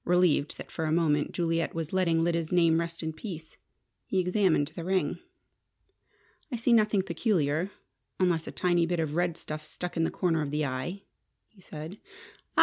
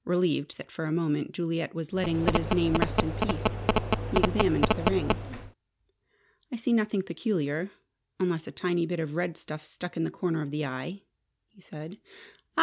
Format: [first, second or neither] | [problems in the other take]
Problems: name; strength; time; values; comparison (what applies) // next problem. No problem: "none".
first | background sound (Telephone); 2 dB above the speech